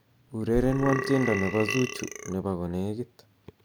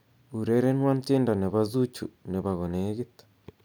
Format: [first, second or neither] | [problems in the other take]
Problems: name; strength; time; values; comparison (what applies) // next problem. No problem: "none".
second | background sound (Burping, eructation); 5 dB below the speech